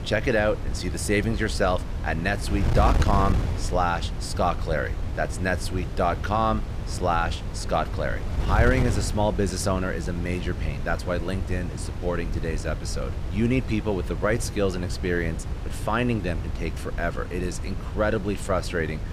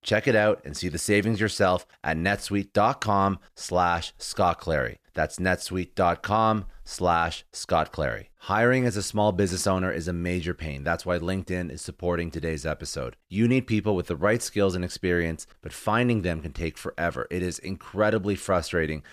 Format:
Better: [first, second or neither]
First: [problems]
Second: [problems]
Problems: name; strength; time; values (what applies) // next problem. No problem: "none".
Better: second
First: wind noise on the microphone; occasional gusts; 10 dB below the speech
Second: none